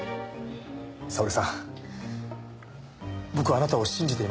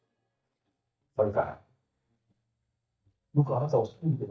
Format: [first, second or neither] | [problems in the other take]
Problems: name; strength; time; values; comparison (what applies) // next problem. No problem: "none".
first | noise reduction (neural mask model DeepFilterNet 3)